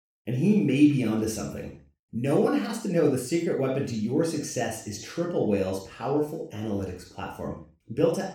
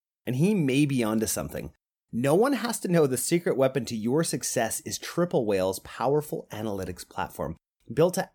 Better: second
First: room echo; noticeable; dies away in 0.4 s // off-mic speech; far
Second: none

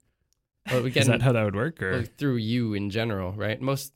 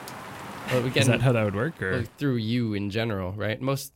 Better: first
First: none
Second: rain or running water; noticeable; throughout; 15 dB below the speech

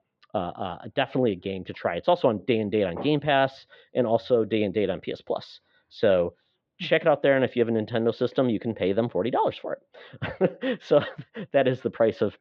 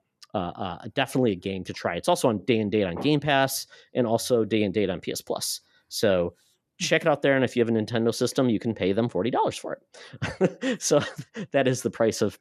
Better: second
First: muffled; very; fading above 3.5 kHz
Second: none

